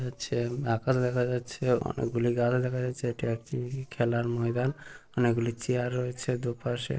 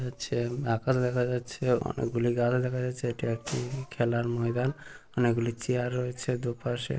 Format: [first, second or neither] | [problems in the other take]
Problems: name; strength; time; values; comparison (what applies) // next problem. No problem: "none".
second | noise reduction (neural separator model SepFormer DNS4)